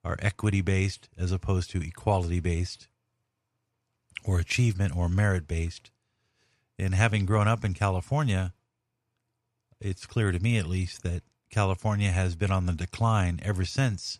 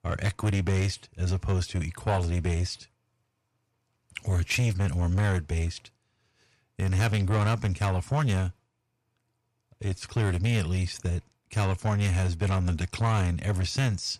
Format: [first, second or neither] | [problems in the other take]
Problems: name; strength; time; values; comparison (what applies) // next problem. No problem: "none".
first | distortion; slight; 10 dB below the speech